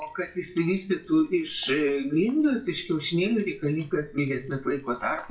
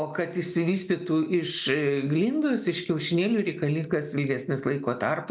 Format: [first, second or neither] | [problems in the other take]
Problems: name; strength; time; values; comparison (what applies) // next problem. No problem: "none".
second | noise reduction (classical method WPE with log-MMSE)